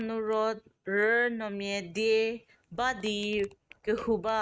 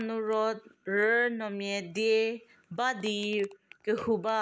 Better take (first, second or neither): second